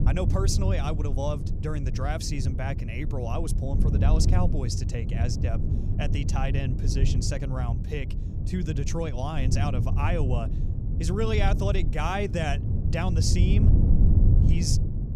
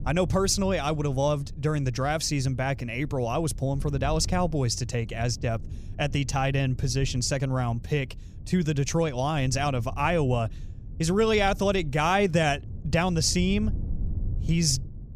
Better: second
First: low rumble; loud; throughout; 6 dB below the speech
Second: low rumble; faint; throughout; 25 dB below the speech

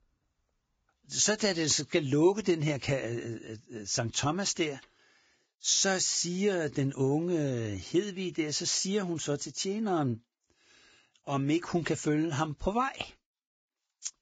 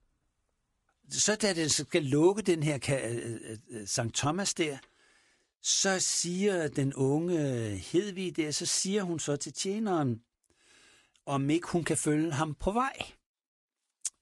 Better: second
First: garbled, watery; badly; nothing above 7.5 kHz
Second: garbled, watery; slightly; nothing above 10.5 kHz

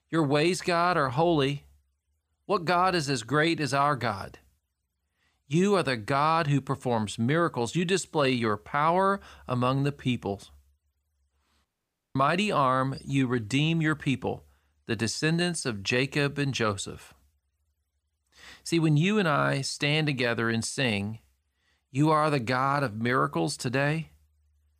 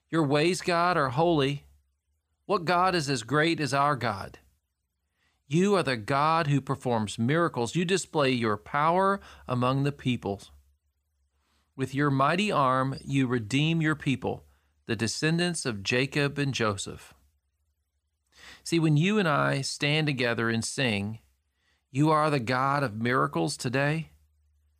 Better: second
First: audio cutting out; at 12 s for 0.5 s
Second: none

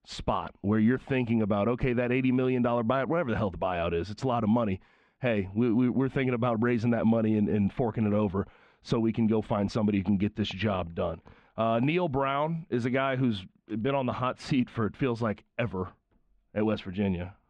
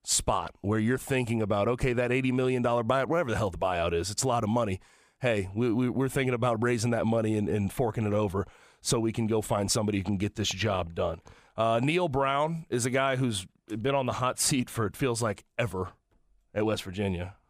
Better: second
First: muffled; slightly; fading above 3.5 kHz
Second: none

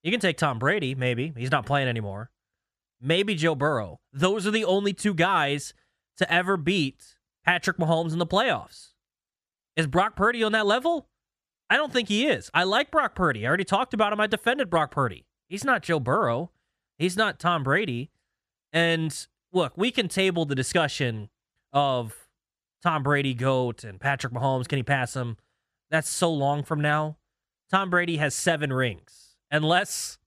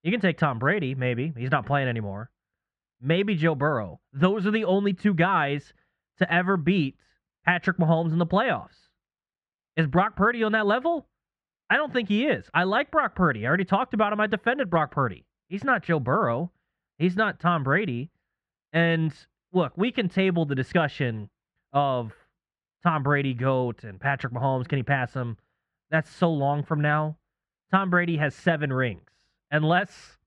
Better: first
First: none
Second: muffled; very; fading above 2 kHz

